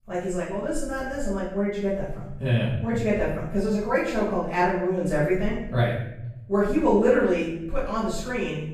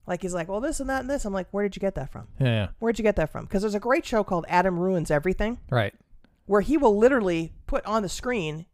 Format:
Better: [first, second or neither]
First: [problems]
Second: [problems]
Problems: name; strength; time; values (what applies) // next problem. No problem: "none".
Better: second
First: off-mic speech; far // room echo; noticeable; dies away in 0.8 s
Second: none